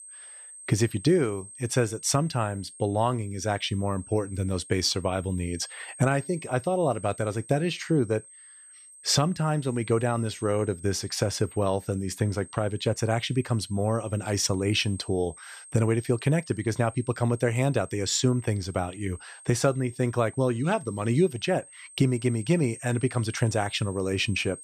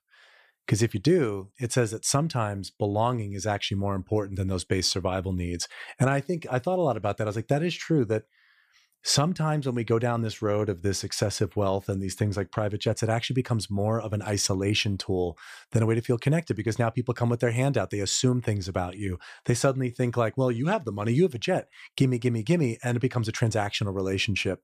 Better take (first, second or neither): second